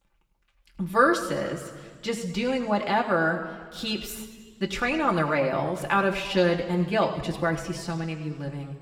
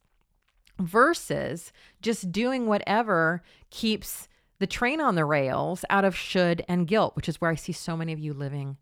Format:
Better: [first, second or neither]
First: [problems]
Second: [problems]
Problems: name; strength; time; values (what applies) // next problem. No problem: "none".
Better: second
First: room echo; slight; dies away in 1.6 s // off-mic speech; somewhat distant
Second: none